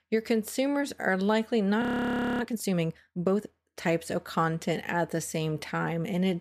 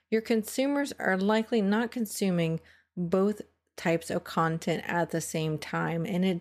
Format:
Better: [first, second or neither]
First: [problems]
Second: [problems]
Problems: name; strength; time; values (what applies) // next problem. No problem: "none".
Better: second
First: audio freezing; at 2 s for 0.5 s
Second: none